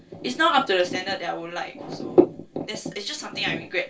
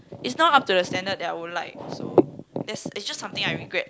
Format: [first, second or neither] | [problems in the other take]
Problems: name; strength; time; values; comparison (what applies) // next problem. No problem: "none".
second | room echo; dies away in 0.2 s